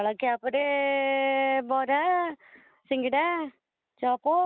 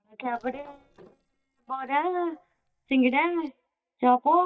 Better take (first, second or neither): first